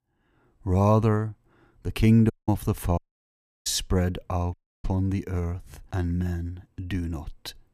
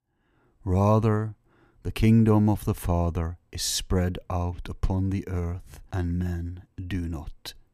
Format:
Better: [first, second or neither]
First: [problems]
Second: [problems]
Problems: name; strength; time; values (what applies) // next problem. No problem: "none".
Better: second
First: audio cutting out; at 2.5 s, at 3 s for 0.5 s and at 4.5 s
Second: none